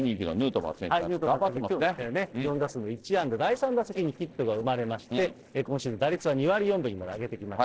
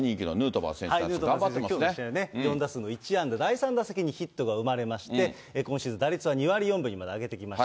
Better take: second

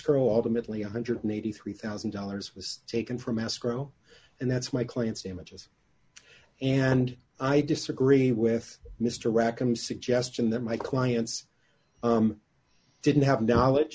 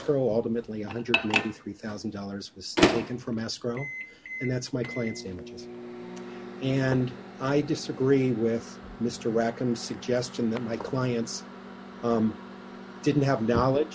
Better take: first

